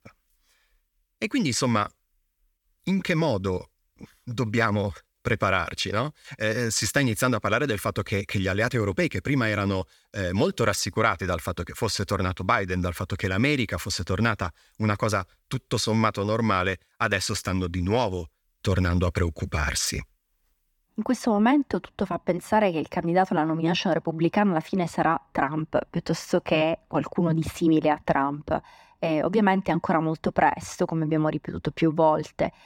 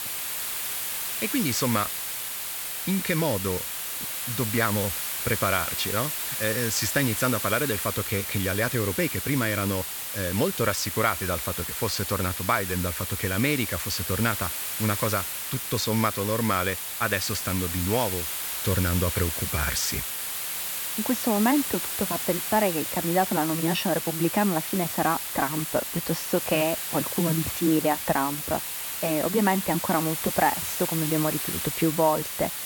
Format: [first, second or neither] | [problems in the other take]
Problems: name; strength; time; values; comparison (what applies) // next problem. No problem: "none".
first | hiss; loud; throughout; 2 dB below the speech